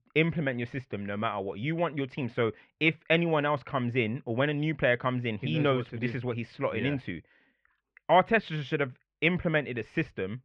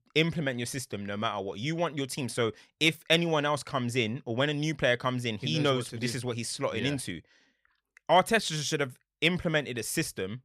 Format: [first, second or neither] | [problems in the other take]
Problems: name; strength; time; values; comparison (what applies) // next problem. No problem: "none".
second | muffled; very; fading above 2.5 kHz